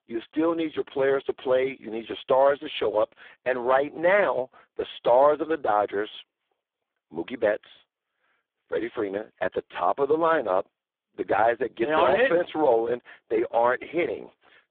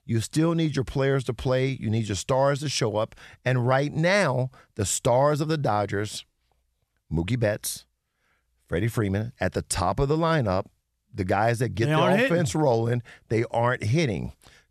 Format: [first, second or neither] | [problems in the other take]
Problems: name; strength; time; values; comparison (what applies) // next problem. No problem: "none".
second | phone-call audio; poor line